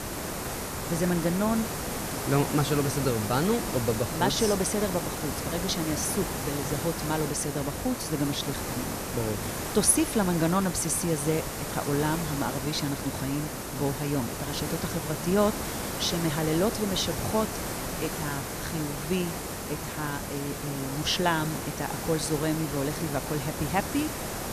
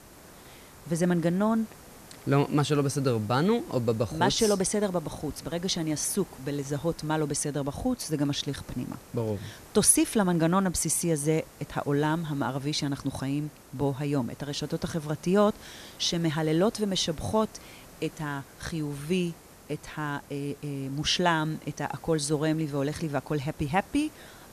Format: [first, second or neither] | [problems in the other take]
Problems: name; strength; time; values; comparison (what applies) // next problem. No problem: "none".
second | hiss; loud; throughout; 4 dB below the speech; faint in the second